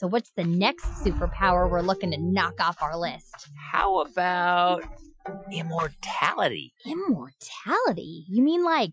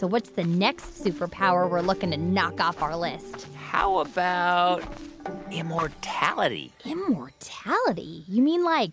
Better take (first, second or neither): second